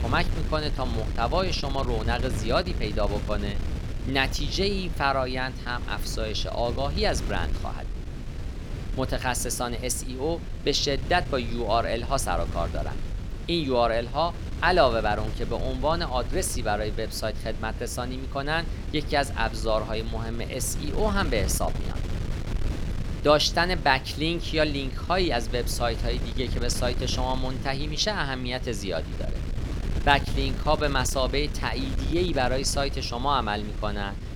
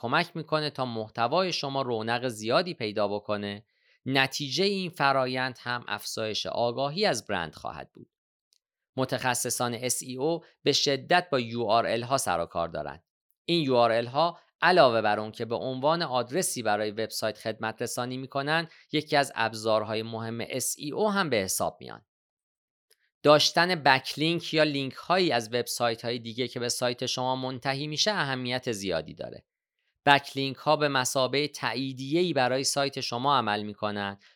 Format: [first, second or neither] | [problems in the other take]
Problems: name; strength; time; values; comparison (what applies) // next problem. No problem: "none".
second | wind noise on the microphone; occasional gusts; 15 dB below the speech